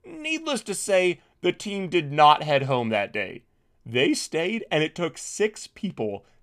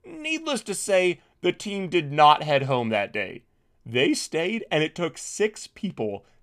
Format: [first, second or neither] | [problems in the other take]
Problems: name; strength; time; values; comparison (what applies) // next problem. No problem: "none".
neither | none